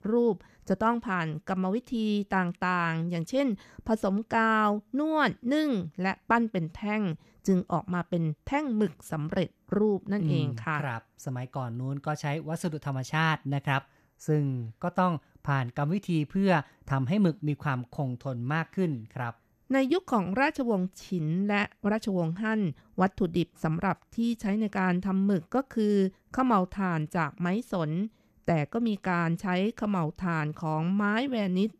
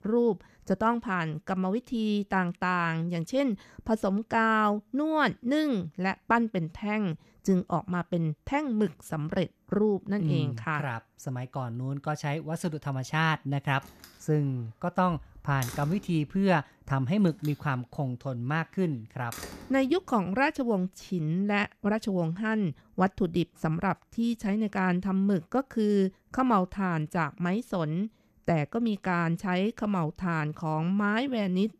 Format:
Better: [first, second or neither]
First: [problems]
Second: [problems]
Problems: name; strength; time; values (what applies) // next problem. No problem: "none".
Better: first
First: none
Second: door banging; faint; from 14 to 20 s; peak 10 dB below the speech